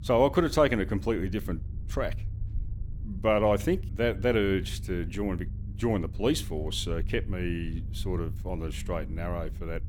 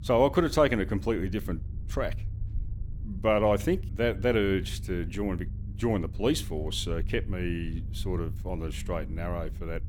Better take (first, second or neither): neither